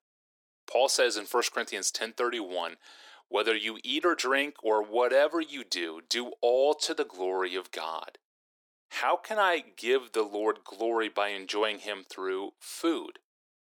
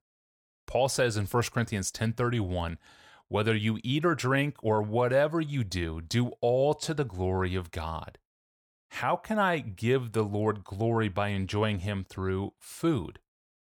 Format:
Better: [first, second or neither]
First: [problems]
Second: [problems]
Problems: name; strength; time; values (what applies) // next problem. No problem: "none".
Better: second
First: thin; very; fading below 300 Hz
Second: none